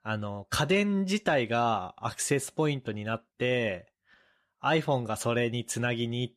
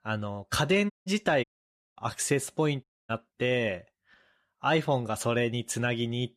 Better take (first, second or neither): first